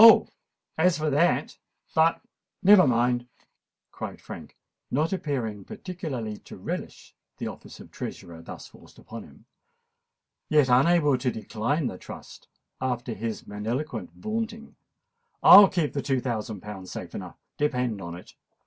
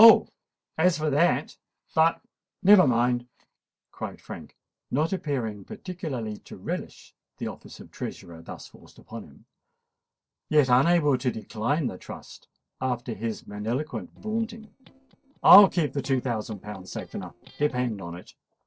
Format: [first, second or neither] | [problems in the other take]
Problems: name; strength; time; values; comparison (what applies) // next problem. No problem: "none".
first | noise reduction (neural separator model SepFormer DNS4)